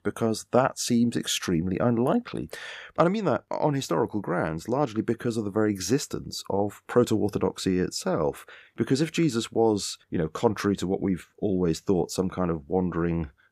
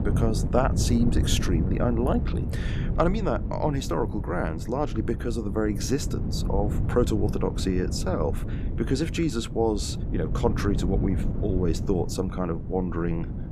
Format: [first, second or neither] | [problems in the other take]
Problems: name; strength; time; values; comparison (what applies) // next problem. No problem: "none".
first | wind noise on the microphone; occasional gusts; 10 dB below the speech